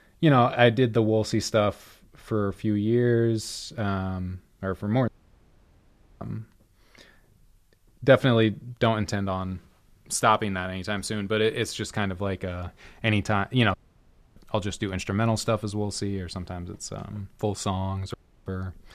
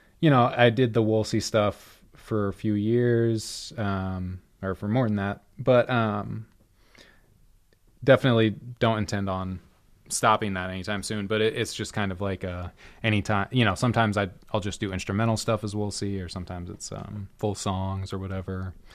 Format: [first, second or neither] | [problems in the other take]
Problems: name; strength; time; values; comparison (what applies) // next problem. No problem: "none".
second | audio cutting out; at 5 s for 1 s, at 14 s for 0.5 s and at 18 s